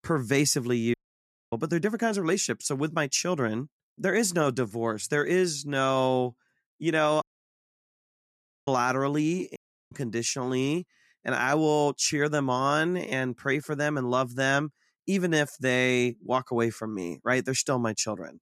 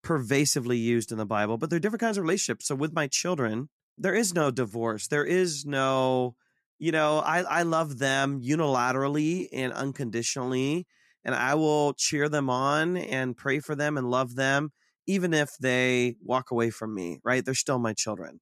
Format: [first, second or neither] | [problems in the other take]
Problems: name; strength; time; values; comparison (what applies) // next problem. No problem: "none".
second | audio cutting out; at 1 s for 0.5 s, at 7 s for 1.5 s and at 9.5 s